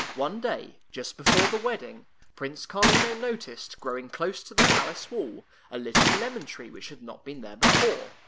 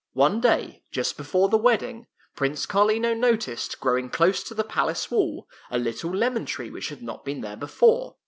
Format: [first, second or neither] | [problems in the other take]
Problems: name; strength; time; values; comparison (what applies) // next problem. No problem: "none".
second | background sound (Gunshot, gunfire); 4 dB above the speech